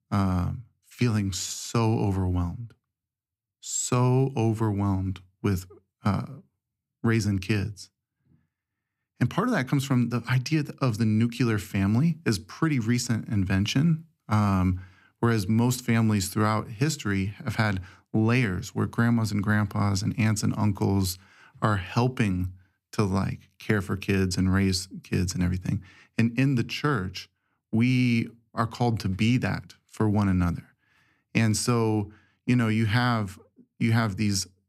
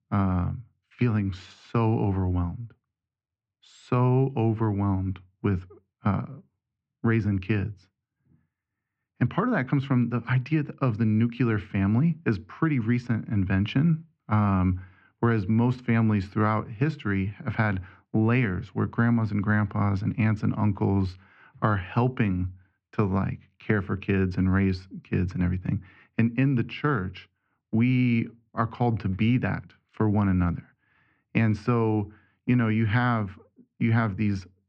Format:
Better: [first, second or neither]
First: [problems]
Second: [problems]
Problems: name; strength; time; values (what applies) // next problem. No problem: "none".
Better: first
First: none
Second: muffled; very; fading above 2.5 kHz